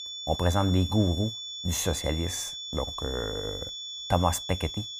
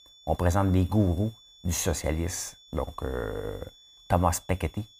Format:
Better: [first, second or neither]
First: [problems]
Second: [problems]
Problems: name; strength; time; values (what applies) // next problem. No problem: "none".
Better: second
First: high-pitched whine; loud; throughout; 3.5 kHz, 6 dB below the speech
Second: high-pitched whine; faint; throughout; 3.5 kHz, 25 dB below the speech